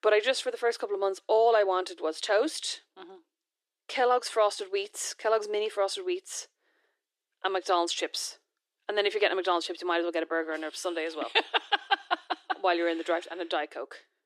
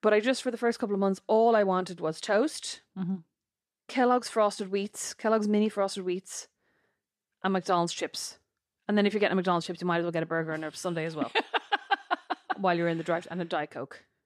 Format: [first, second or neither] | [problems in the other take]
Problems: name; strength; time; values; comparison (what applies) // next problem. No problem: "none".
second | thin; very; fading below 300 Hz